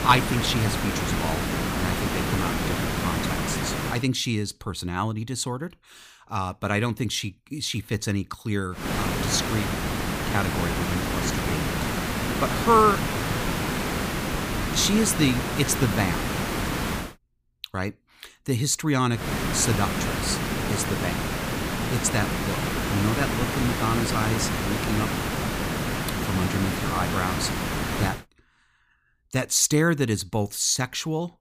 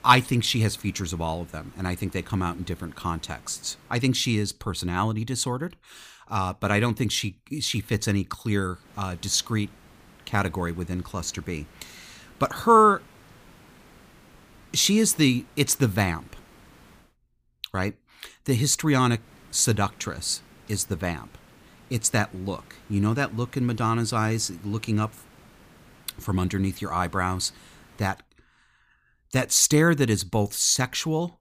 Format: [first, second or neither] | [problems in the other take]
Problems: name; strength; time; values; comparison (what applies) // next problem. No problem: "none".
second | hiss; loud; until 4 s, from 9 to 17 s and from 19 to 28 s; 1 dB below the speech; faint in the second